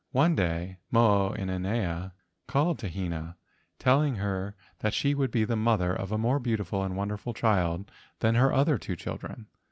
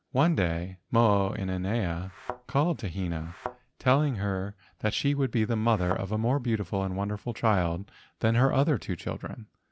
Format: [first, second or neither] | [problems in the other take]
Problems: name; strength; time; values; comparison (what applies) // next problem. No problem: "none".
first | background sound (Thump, thud); 14 dB below the speech